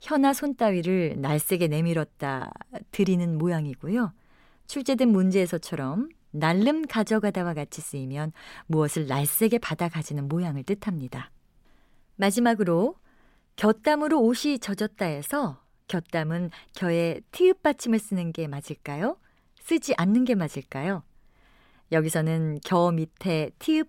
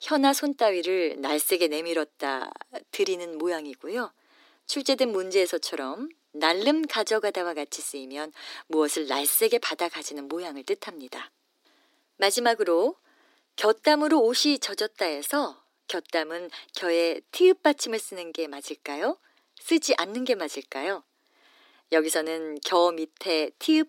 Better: first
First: none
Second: thin; somewhat; fading below 300 Hz

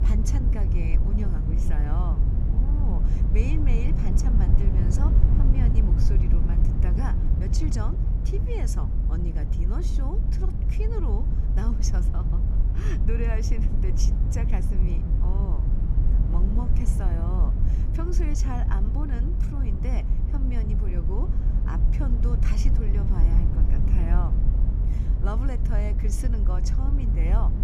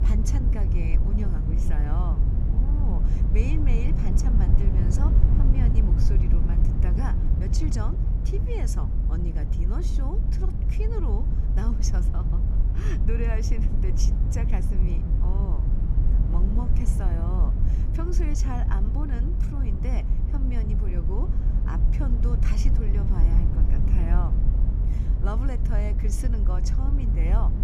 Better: neither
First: low rumble; loud; throughout; 1 dB below the speech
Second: low rumble; loud; throughout; 1 dB below the speech

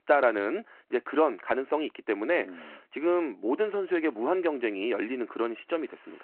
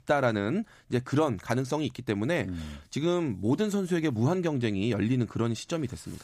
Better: second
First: phone-call audio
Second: none

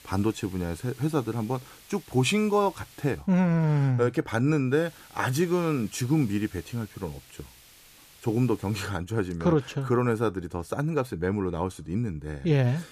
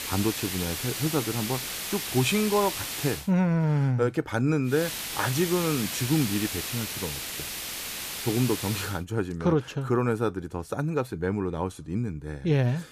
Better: first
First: hiss; faint; until 3 s and from 5 to 9 s; 25 dB below the speech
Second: hiss; loud; until 3 s and from 5 to 9 s; 4 dB below the speech

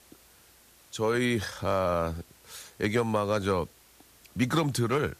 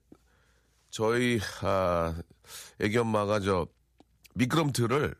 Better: second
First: hiss; faint; throughout; 25 dB below the speech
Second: none

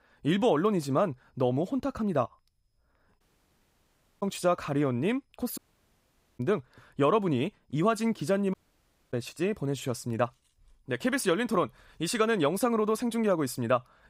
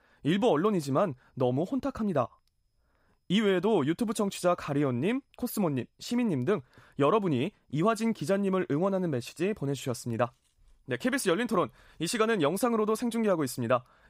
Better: second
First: audio cutting out; at 3 s for 1 s, at 5.5 s for 1 s and at 8.5 s for 0.5 s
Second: none

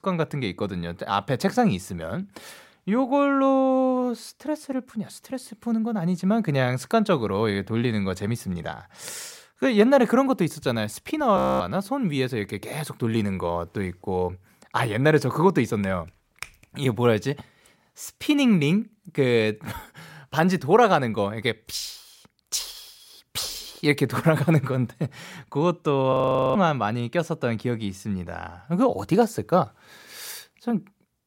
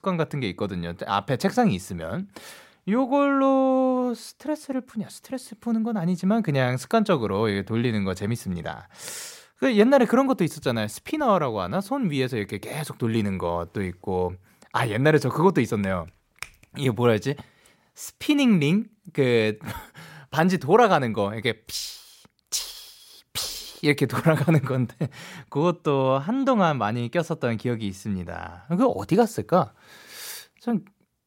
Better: second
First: audio freezing; at 11 s and at 26 s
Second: none

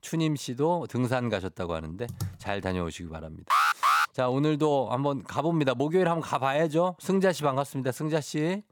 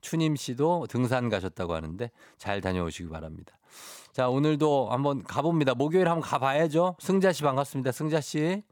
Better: second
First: keyboard typing; noticeable; at 2 s; peak 9 dB below the speech // alarm; loud; at 3.5 s; peak 6 dB above the speech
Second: none

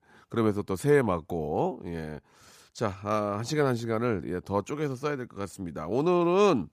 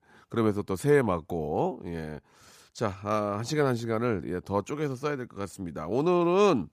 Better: neither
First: none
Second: none

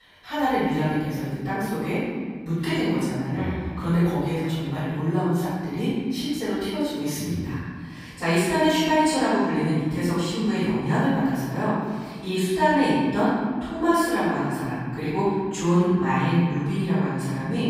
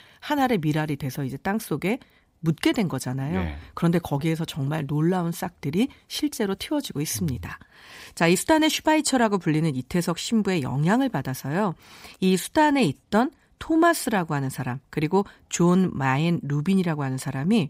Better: second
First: off-mic speech; far // room echo; strong; dies away in 1.6 s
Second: none

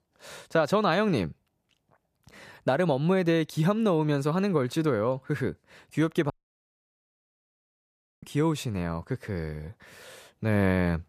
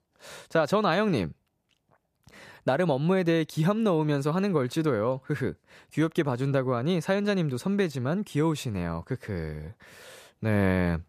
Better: second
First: audio cutting out; at 6.5 s for 2 s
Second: none

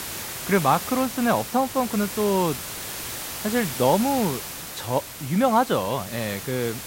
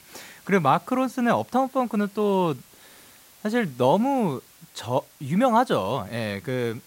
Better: second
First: hiss; loud; throughout; 8 dB below the speech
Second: hiss; faint; throughout; 25 dB below the speech

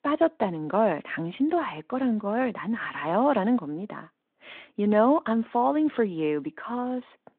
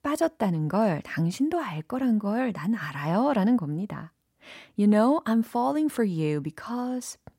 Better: second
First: phone-call audio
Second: none

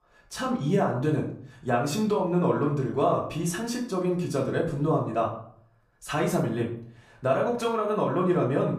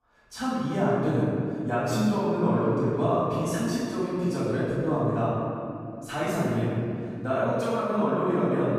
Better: first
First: room echo; slight; dies away in 0.4 s // off-mic speech; far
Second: room echo; strong; dies away in 2.5 s // off-mic speech; far

